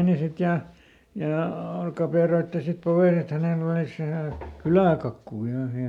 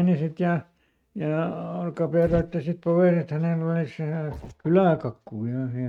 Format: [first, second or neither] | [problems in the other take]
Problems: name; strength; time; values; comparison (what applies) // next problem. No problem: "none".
first | noise reduction (neural mask model RNNoise)